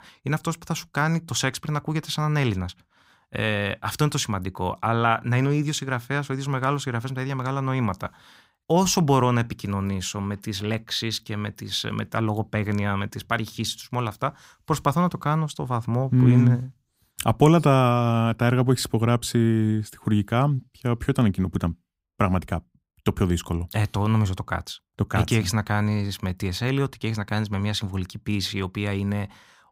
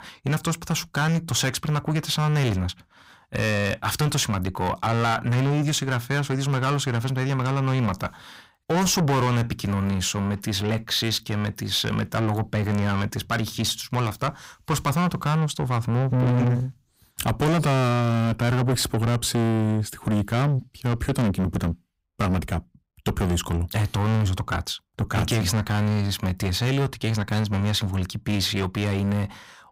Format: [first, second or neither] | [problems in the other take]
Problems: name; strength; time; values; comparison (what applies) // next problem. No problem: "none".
first | distortion; heavy; 6 dB below the speech